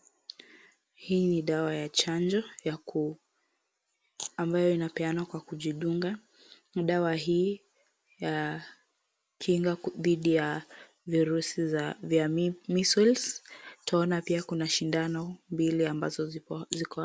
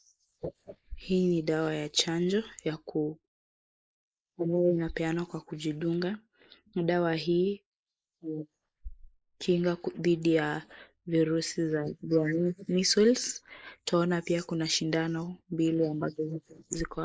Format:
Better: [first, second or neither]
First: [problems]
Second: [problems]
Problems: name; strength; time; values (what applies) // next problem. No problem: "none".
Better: first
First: none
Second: noise reduction (neural mask model Resemble Enhance denoiser)